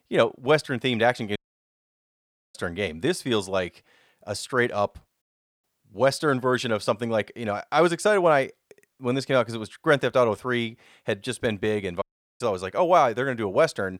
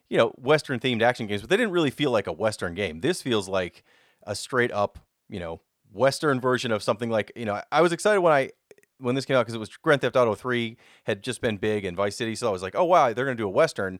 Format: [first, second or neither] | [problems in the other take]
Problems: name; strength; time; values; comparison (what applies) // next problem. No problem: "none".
second | audio cutting out; at 1.5 s for 1 s, at 5 s and at 12 s